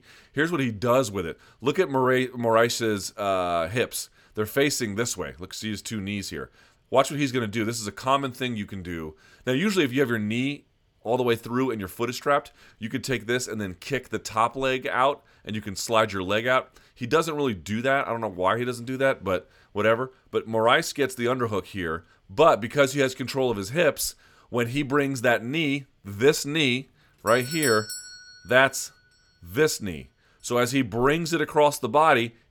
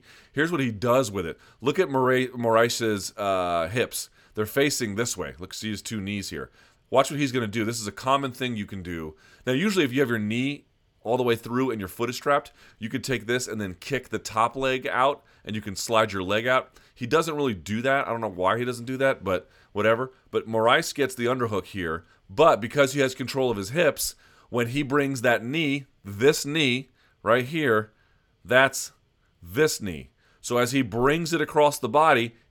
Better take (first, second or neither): second